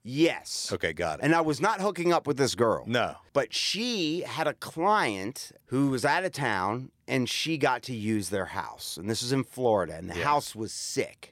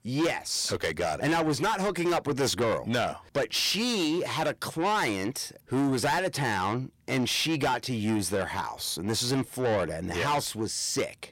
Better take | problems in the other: first | distortion; heavy; 7 dB below the speech

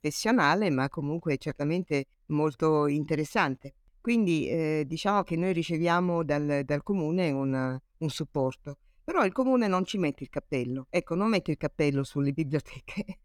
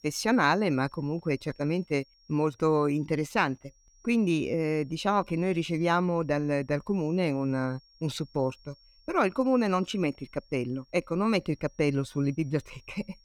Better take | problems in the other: first | high-pitched whine; faint; throughout; 5.5 kHz, 30 dB below the speech

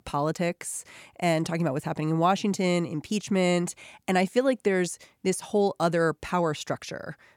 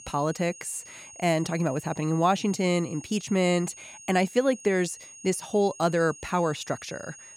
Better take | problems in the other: first | high-pitched whine; noticeable; throughout; 6.5 kHz, 15 dB below the speech

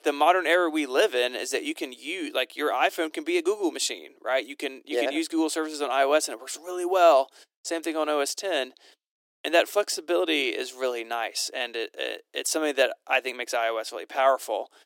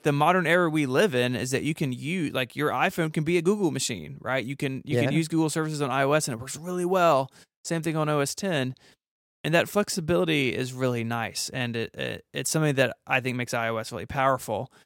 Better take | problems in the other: second | thin; very; fading below 300 Hz

